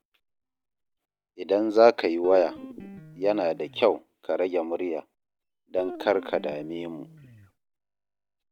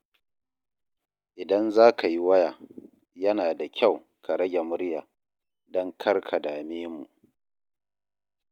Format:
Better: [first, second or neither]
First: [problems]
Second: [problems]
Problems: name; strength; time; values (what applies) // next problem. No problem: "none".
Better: second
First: background sound (Guitar); 14 dB below the speech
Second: none